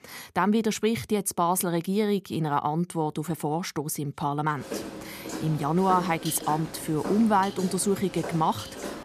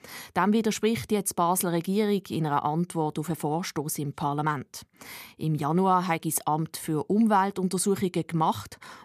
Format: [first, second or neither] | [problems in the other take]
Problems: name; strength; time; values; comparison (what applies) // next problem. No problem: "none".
second | footsteps; noticeable; from 4.5 s on; peak 7 dB below the speech